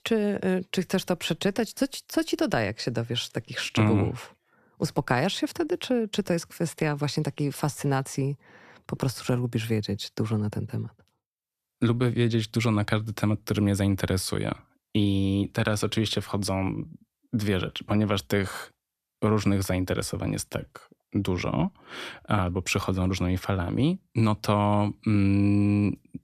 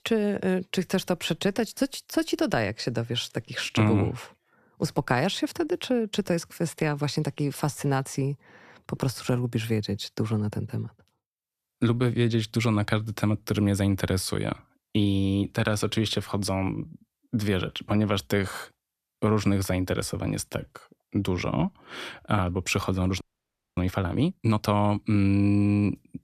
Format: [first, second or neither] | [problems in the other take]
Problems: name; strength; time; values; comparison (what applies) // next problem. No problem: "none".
first | audio freezing; at 23 s for 0.5 s